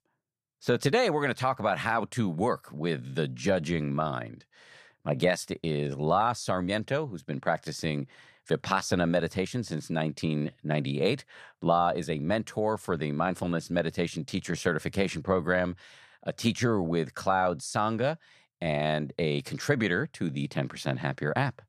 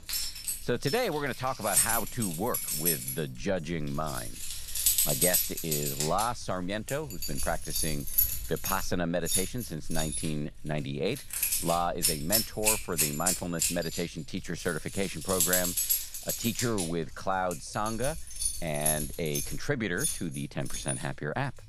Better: first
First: none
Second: household noises; very loud; throughout; 3 dB above the speech

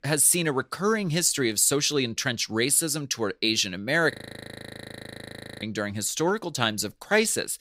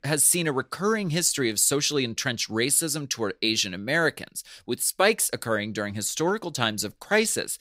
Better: second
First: audio freezing; at 4 s for 1.5 s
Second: none

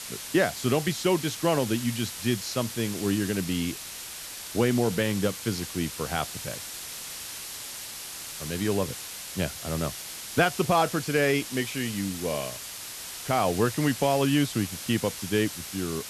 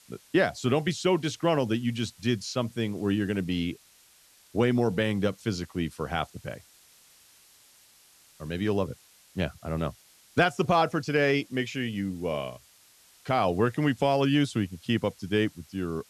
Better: second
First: hiss; loud; throughout; 8 dB below the speech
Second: hiss; faint; throughout; 25 dB below the speech

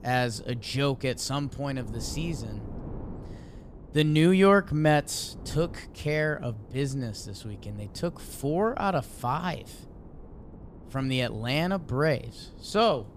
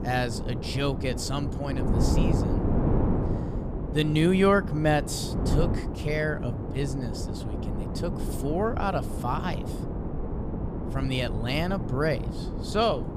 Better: first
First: wind noise on the microphone; occasional gusts; 25 dB below the speech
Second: wind noise on the microphone; heavy; 7 dB below the speech

